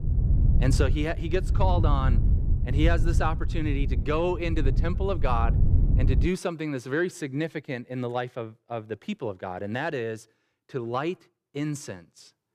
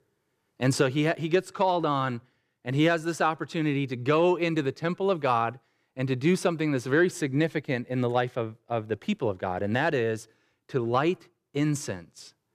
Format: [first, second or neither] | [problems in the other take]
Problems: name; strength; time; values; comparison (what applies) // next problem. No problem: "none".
second | wind noise on the microphone; occasional gusts; until 6.5 s; 10 dB below the speech